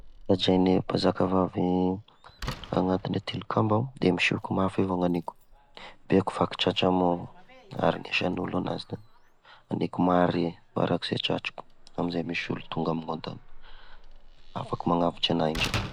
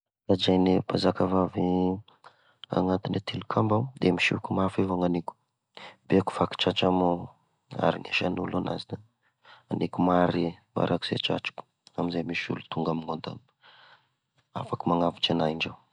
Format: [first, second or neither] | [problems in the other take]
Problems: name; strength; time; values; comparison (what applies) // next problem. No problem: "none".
second | background sound (Slam); 16 dB below the speech